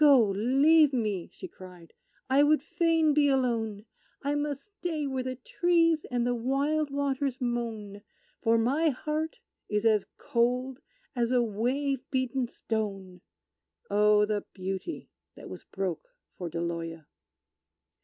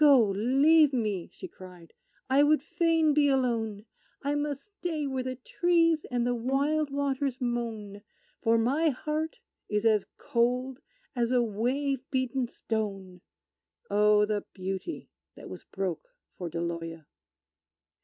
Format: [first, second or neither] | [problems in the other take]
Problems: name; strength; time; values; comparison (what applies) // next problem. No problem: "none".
first | noise reduction (neural mask model RNNoise)